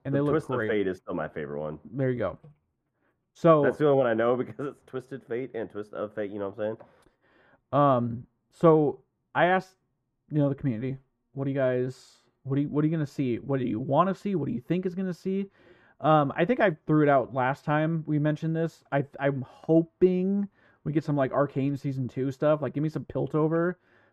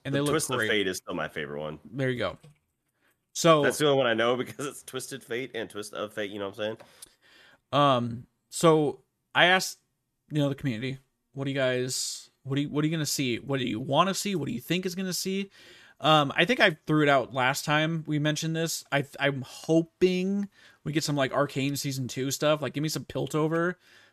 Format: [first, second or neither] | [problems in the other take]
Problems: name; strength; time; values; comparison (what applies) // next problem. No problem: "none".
second | muffled; very; fading above 2.5 kHz